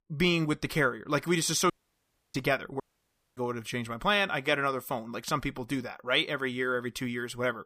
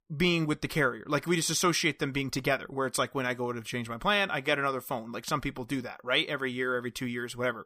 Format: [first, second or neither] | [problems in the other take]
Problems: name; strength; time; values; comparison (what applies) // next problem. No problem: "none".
second | audio cutting out; at 1.5 s for 0.5 s and at 3 s for 0.5 s